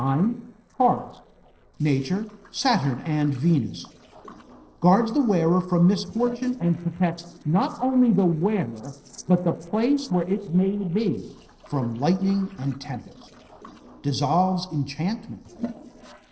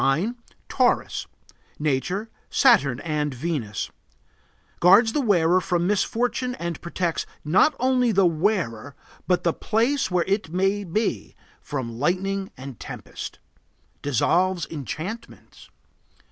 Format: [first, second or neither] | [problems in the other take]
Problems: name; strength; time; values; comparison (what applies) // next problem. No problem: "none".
second | noise reduction (neural separator model SepFormer DNS4)